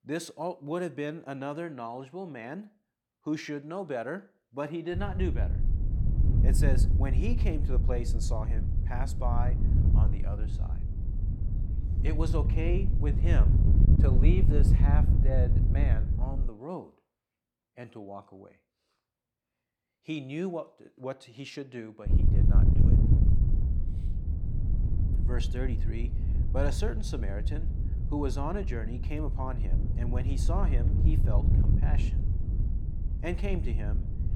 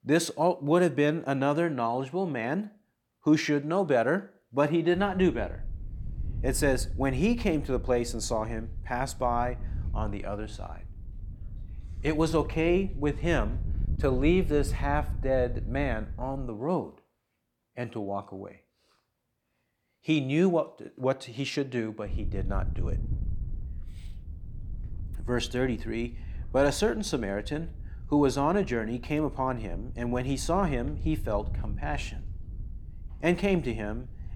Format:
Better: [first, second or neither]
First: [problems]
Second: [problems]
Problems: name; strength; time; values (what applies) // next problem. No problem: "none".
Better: second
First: wind noise on the microphone; heavy; from 5 to 16 s and from 22 s on; 5 dB below the speech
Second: wind noise on the microphone; occasional gusts; from 5 to 16 s and from 22 s on; 25 dB below the speech